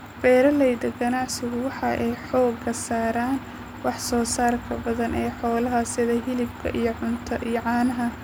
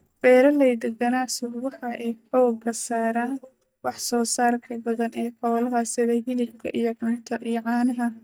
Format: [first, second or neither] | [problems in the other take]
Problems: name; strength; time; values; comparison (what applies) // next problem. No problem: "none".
first | noise reduction (neural mask model DeepFilterNet 3)